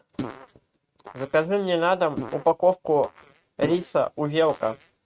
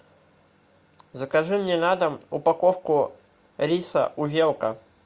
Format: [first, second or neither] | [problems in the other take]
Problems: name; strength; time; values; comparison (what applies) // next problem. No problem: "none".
second | noise reduction (neural mask model RNNoise)